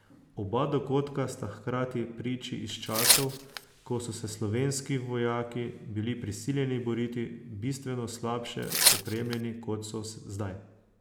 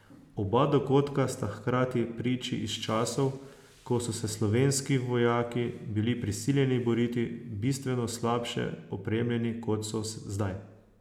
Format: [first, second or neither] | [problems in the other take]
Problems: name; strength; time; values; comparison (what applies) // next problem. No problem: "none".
second | background sound (Tearing); 4 dB above the speech